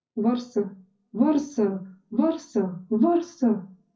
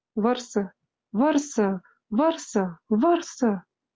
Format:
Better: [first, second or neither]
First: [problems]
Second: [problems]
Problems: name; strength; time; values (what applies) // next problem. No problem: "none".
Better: second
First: room echo; dies away in 0.4 s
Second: none